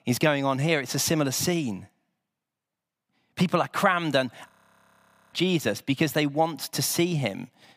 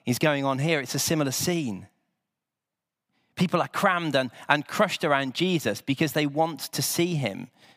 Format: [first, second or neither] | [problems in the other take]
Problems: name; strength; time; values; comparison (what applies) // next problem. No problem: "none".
second | audio freezing; at 4.5 s for 1 s